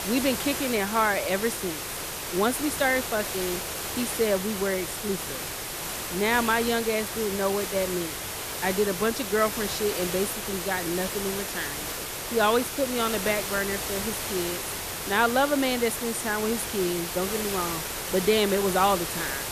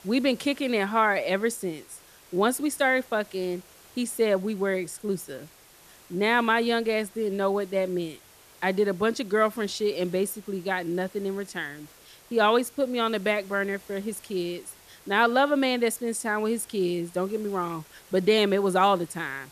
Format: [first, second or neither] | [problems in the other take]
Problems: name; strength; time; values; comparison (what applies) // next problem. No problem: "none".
second | hiss; loud; throughout; 4 dB below the speech; faint in the second